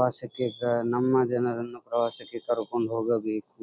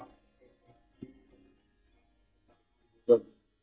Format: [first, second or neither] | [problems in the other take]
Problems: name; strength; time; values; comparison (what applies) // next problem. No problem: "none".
first | noise reduction (neural mask model DeepFilterNet 3)